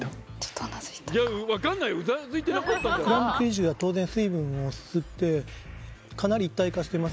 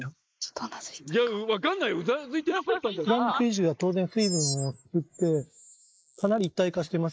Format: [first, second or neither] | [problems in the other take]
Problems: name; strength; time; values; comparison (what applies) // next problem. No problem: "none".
first | noise reduction (neural mask model Resemble Enhance denoiser)